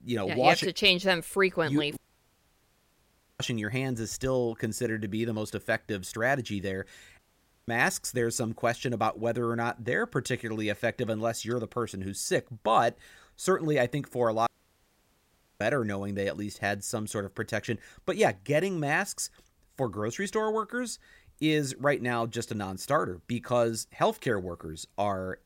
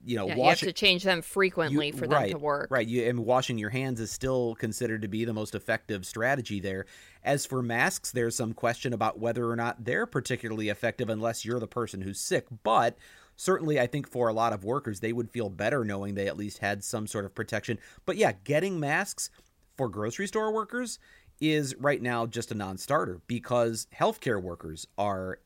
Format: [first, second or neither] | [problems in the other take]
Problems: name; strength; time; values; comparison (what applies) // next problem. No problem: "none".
second | audio cutting out; at 2 s for 1.5 s, at 7 s and at 14 s for 1 s